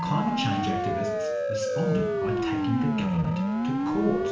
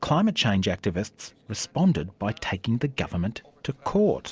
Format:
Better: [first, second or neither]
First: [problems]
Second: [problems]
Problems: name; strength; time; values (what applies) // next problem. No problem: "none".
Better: second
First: background sound (Siren); 3 dB above the speech // room echo; dies away in 1.1 s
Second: none